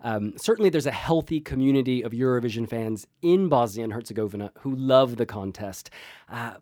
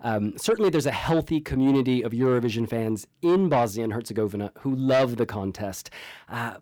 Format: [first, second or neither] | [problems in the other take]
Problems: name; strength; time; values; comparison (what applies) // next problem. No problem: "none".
first | distortion; slight; 10 dB below the speech